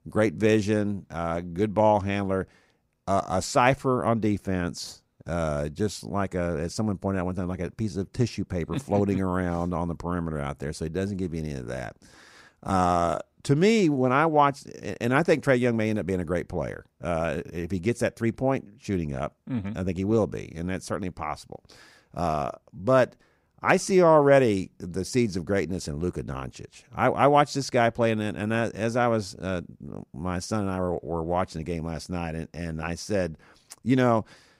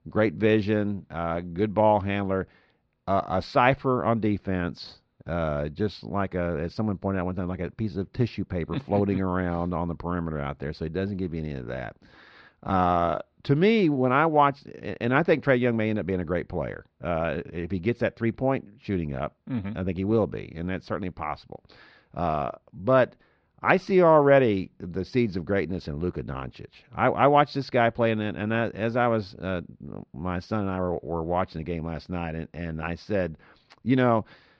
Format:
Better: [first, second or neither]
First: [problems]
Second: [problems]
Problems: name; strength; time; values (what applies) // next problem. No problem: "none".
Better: first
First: none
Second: muffled; slightly; fading above 4 kHz